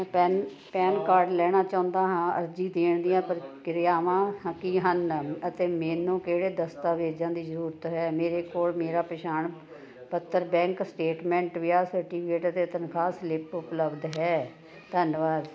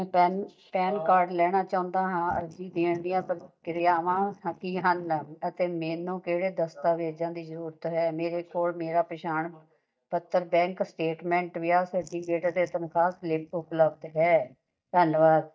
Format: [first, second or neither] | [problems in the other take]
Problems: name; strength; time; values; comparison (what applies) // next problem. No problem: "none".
first | noise reduction (neural mask model DeepFilterNet 3)